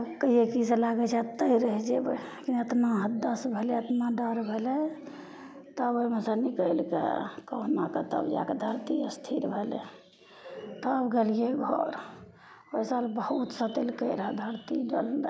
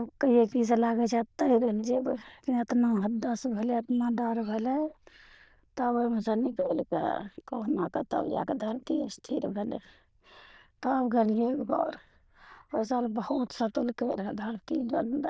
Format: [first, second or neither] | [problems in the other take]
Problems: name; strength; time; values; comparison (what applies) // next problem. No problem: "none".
first | noise reduction (neural diffusion model UNIVERSE++)